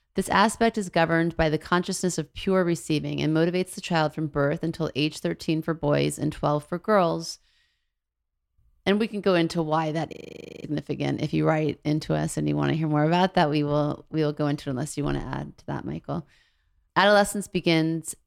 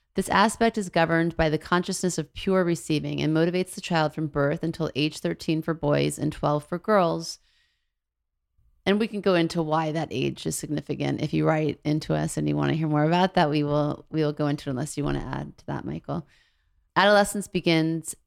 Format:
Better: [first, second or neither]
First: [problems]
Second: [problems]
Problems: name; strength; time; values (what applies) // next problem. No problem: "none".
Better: second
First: audio freezing; at 10 s for 0.5 s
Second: none